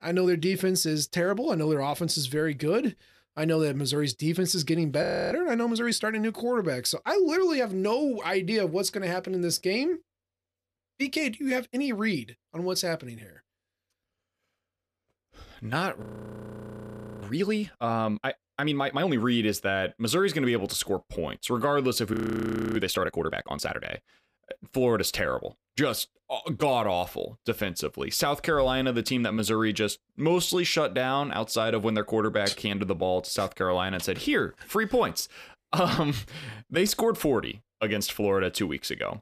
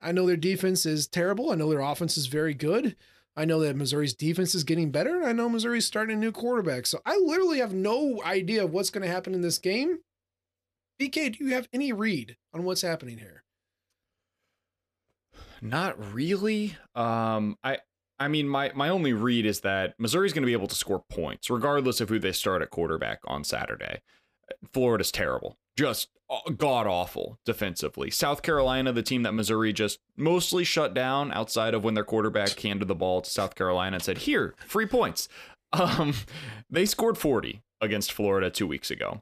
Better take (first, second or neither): second